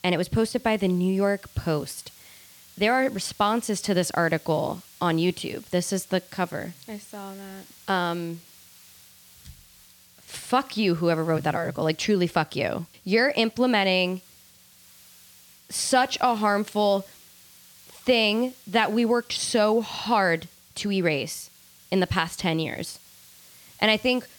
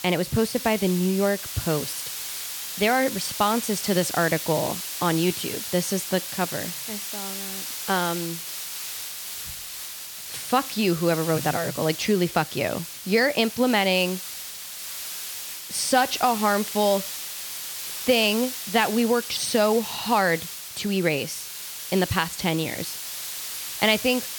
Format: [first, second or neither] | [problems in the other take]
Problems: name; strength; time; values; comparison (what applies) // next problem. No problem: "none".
first | hiss; loud; throughout; 7 dB below the speech; faint in the first